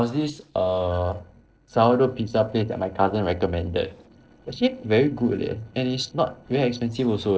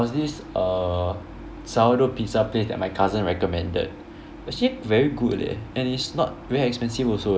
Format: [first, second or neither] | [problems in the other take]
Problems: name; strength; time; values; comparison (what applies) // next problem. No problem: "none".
second | noise reduction (neural separator model SepFormer DNS4)